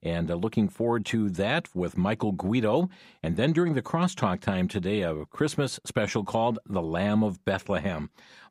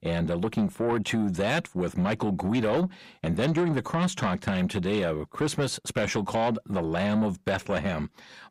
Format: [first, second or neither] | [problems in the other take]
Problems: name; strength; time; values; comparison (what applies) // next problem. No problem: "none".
first | distortion; slight; 10 dB below the speech